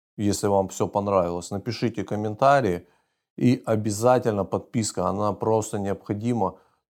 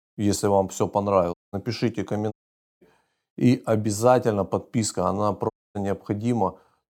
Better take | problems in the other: first | audio cutting out; at 1.5 s, at 2.5 s and at 5.5 s

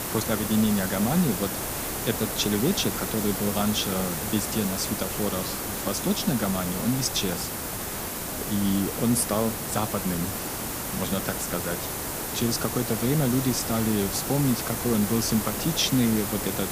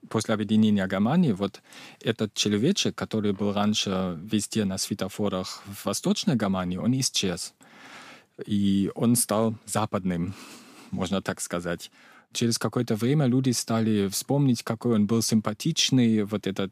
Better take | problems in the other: second | hiss; loud; throughout; 2 dB below the speech

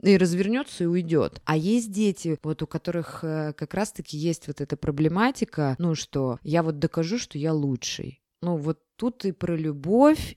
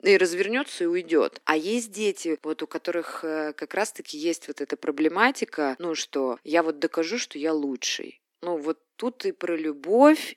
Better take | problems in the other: first | thin; somewhat; fading below 300 Hz

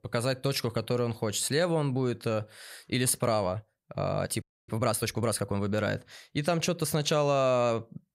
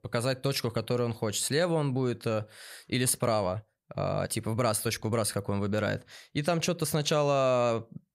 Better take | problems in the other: second | audio freezing; at 4.5 s

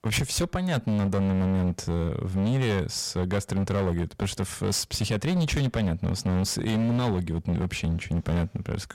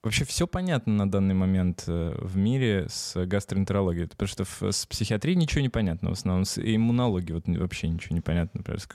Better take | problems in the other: second | distortion; slight; 23% of the sound clipped

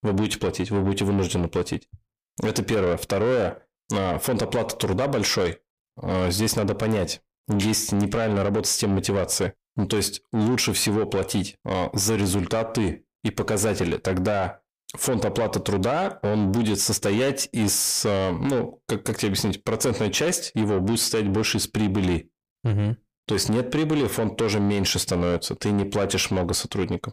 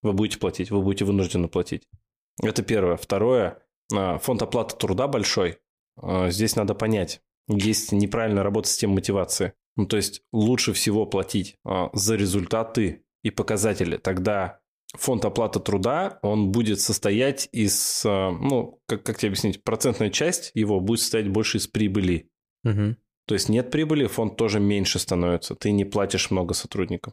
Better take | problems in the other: second | distortion; slight; 10 dB below the speech

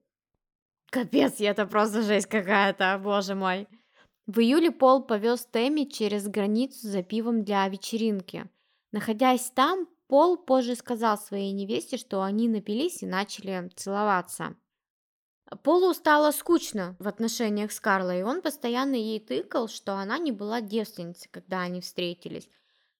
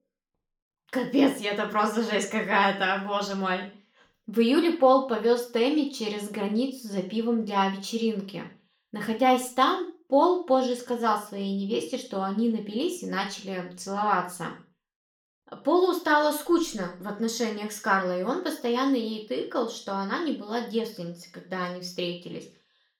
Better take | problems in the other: first | room echo; slight; dies away in 0.4 s // off-mic speech; somewhat distant

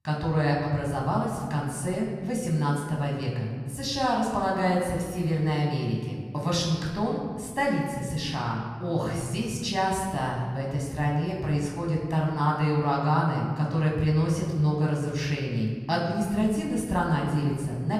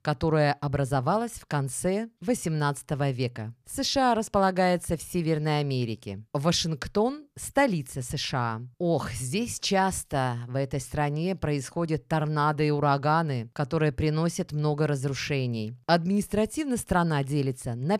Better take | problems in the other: second | off-mic speech; far // room echo; noticeable; dies away in 1.7 s

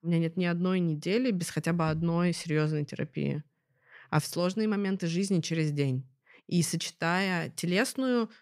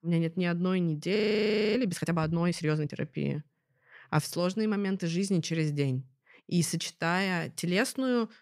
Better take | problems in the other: first | audio freezing; at 1 s for 0.5 s

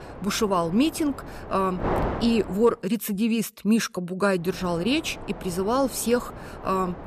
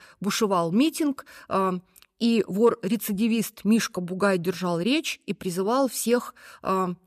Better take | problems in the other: second | wind noise on the microphone; heavy; until 2.5 s and from 4.5 s on; 9 dB below the speech

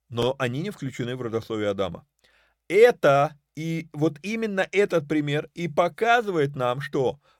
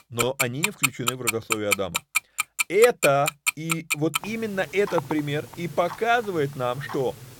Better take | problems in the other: first | household noises; loud; throughout; 1 dB below the speech

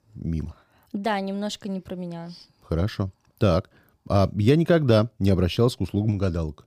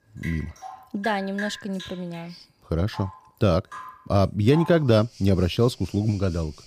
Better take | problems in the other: first | rain or running water; noticeable; throughout; 15 dB below the speech

